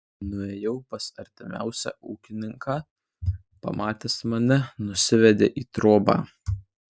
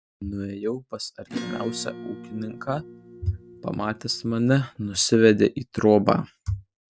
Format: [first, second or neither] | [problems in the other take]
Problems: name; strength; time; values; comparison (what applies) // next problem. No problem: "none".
first | background sound (Acoustic guitar / Strum); 14 dB below the speech